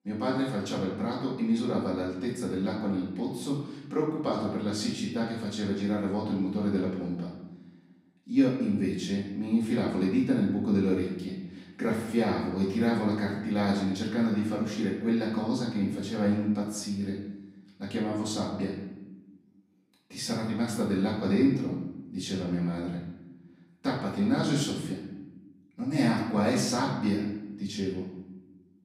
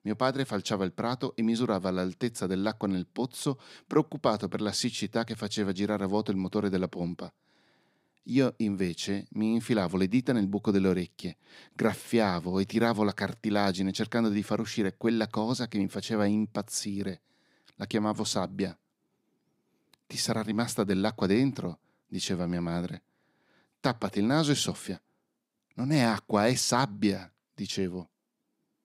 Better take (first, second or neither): second